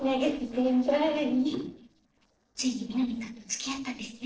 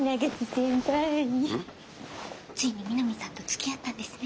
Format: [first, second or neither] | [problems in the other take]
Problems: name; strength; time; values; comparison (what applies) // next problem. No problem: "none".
second | noise reduction (neural separator model SepFormer DNS4)